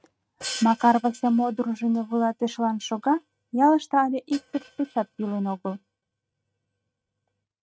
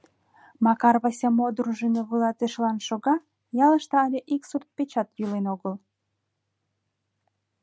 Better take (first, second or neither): second